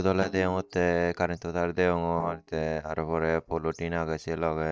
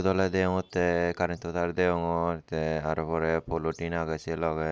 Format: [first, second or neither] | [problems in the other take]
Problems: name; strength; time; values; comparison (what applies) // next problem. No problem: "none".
second | noise reduction (neural mask model DeepFilterNet 3)